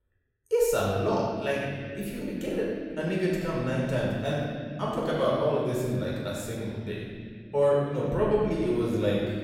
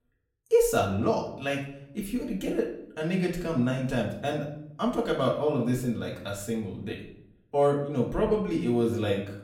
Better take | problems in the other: second | room echo; strong; dies away in 2.3 s; slight in the second // off-mic speech; far; far in the second

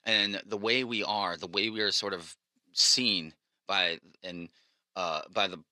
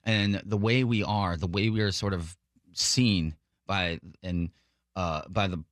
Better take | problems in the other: second | thin; somewhat; fading below 400 Hz

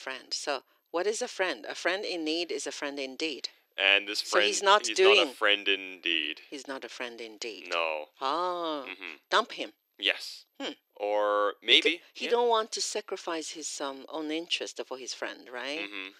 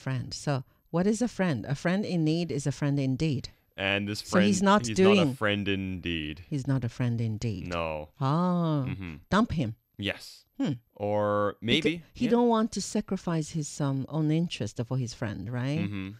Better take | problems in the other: second | thin; very; fading below 350 Hz

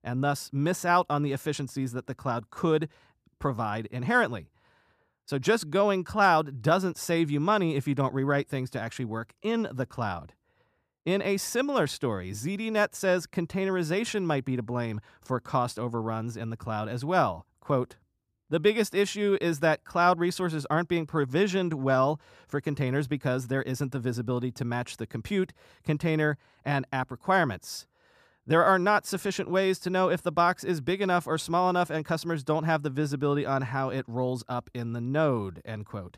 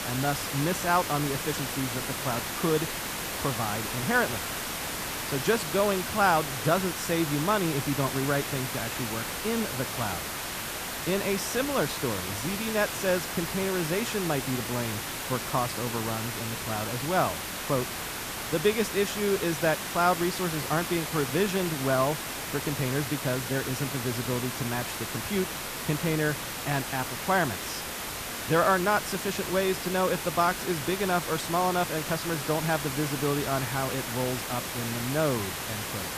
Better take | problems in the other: first | hiss; loud; throughout; 3 dB below the speech

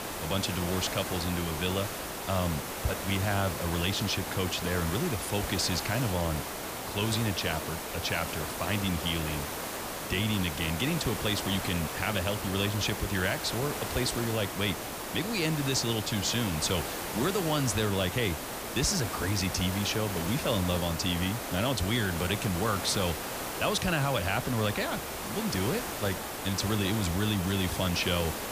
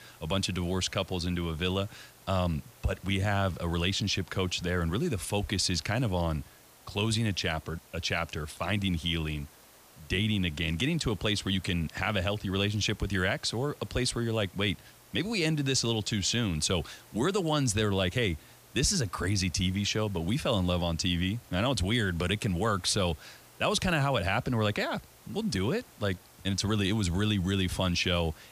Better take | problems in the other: second | hiss; loud; throughout; 4 dB below the speech; faint in the second

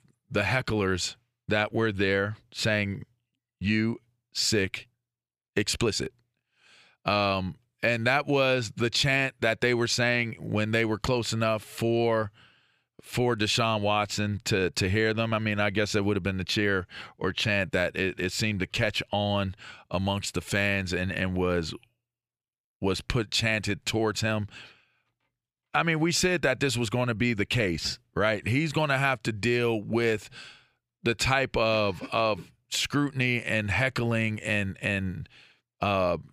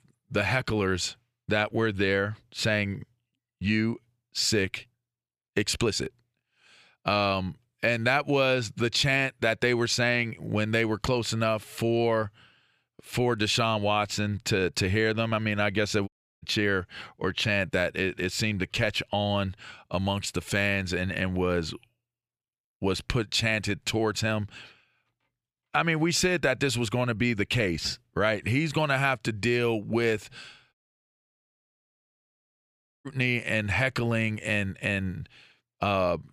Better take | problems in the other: first | audio cutting out; at 16 s and at 31 s for 2.5 s

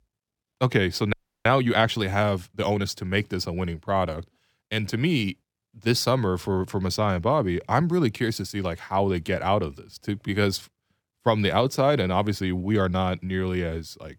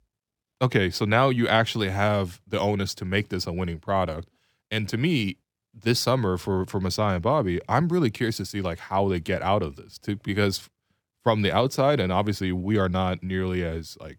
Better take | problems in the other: second | audio freezing; at 1 s

